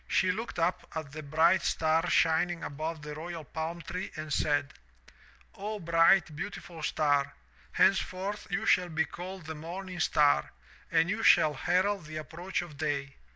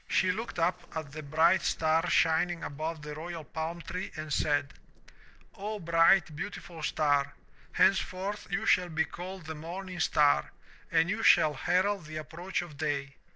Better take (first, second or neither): first